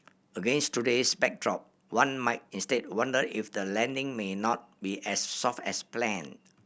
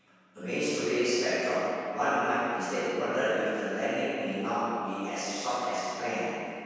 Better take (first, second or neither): first